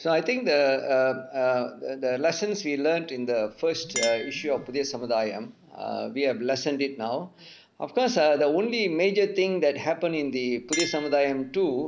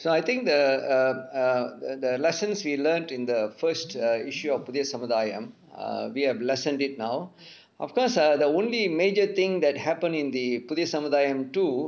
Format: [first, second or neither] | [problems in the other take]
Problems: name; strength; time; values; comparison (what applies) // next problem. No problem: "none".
second | background sound (Chink, clink); 17 dB below the speech